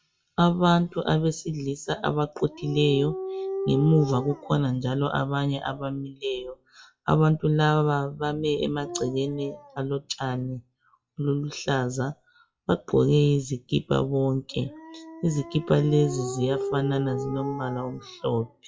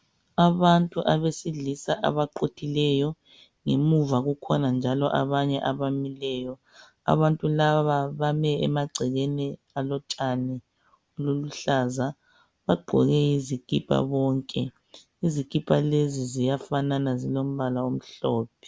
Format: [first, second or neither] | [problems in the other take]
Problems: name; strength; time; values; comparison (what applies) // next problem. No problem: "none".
second | noise reduction (classical method WPE with log-MMSE)